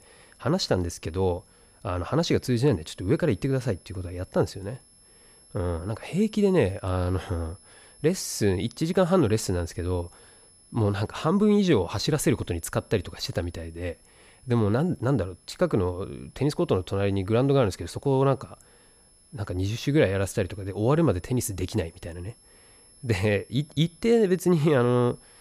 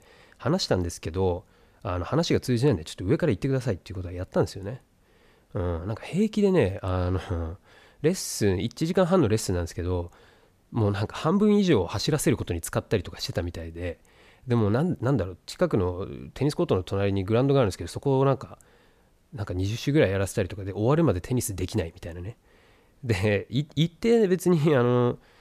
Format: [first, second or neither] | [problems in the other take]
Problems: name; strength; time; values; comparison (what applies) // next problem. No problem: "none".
second | high-pitched whine; faint; throughout; 11 kHz, 30 dB below the speech